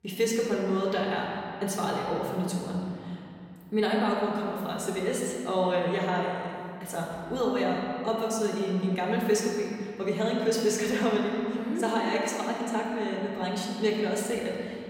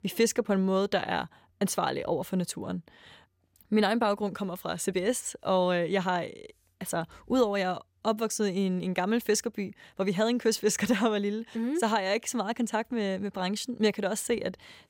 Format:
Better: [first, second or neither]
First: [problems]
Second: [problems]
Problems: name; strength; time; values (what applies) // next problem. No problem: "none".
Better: second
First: room echo; noticeable; dies away in 2.4 s // off-mic speech; far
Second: none